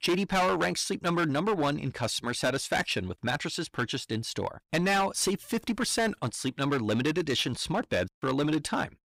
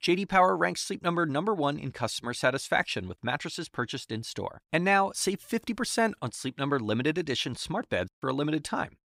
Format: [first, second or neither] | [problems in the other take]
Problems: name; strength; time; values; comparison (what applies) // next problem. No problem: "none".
second | distortion; heavy; 10% of the sound clipped